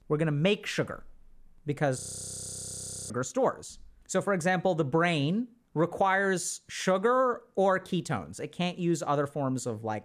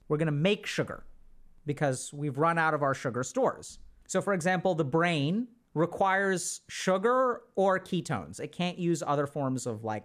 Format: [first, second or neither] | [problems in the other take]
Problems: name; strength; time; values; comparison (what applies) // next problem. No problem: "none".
second | audio freezing; at 2 s for 1 s